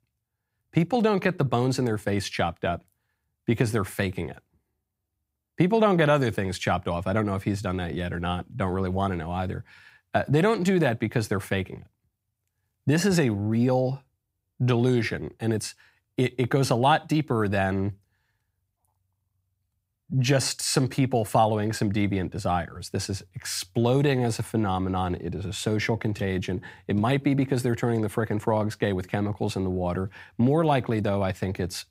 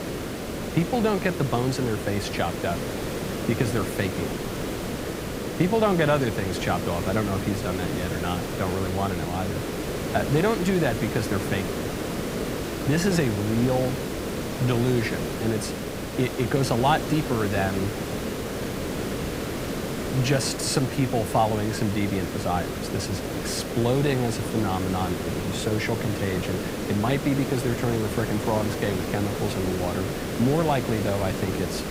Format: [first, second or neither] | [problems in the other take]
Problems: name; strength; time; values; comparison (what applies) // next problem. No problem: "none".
first | hiss; loud; throughout; 4 dB below the speech